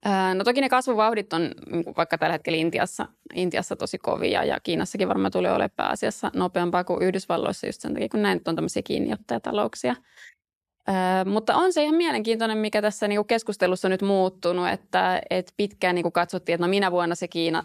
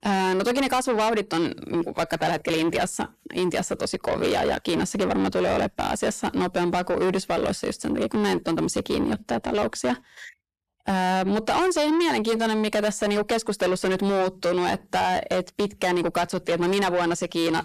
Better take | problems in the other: first | distortion; heavy; 7 dB below the speech

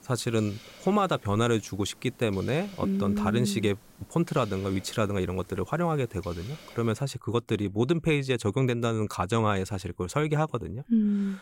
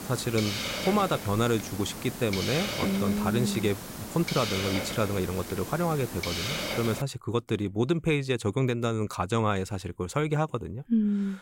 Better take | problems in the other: first | hiss; loud; until 7 s; 5 dB below the speech; faint in the first

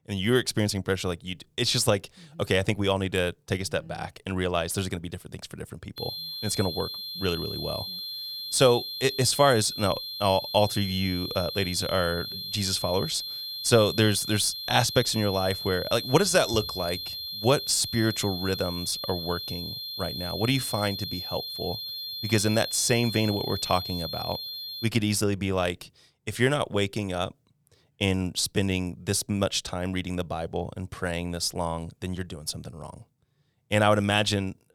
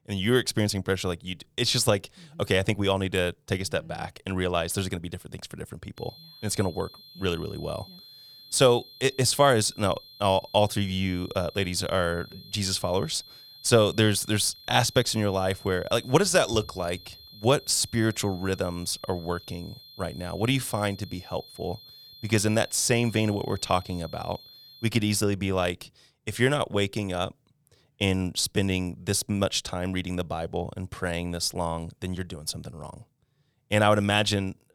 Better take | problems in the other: second | high-pitched whine; loud; from 6 to 25 s; 4 kHz, 6 dB below the speech; faint in the second

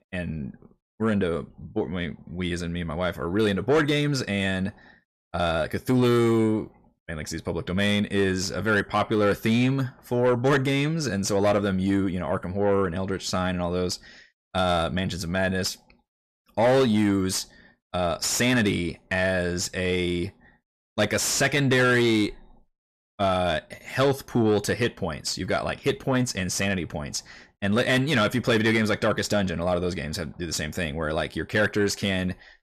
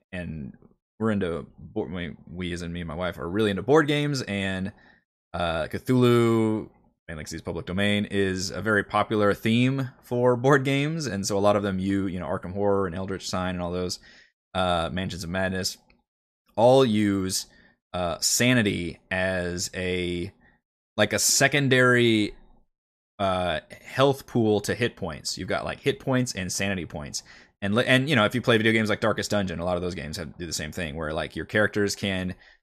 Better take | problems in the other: second | distortion; slight; 10 dB below the speech

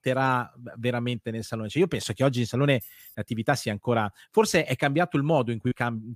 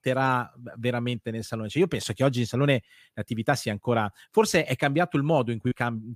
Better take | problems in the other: second | jangling keys; faint; at 3 s; peak 20 dB below the speech

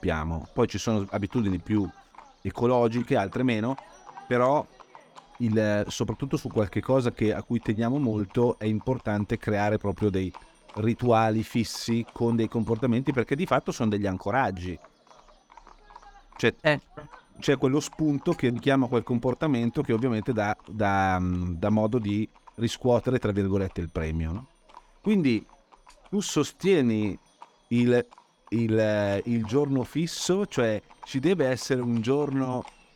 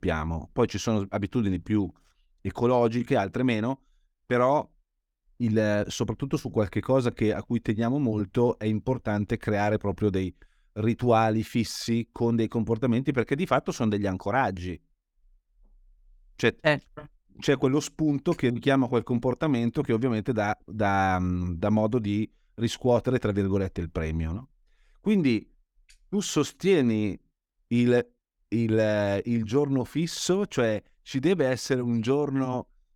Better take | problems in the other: second | animal sounds; faint; throughout; 25 dB below the speech

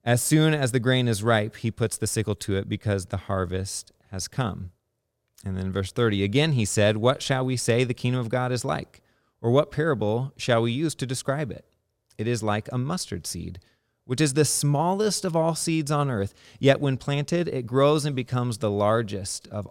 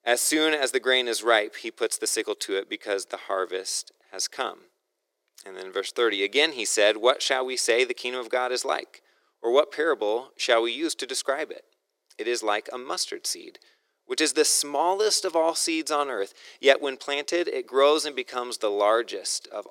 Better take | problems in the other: first | thin; very; fading below 350 Hz

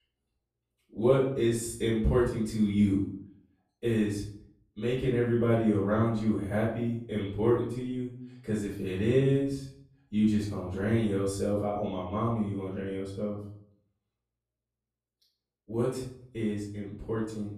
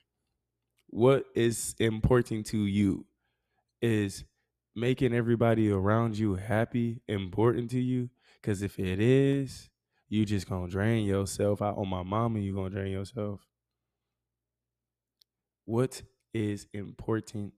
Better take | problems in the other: second | off-mic speech; far // room echo; noticeable; dies away in 0.5 s

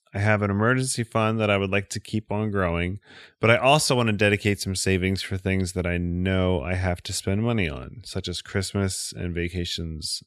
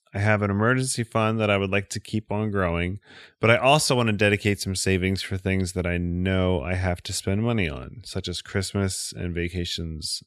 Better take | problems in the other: neither | none

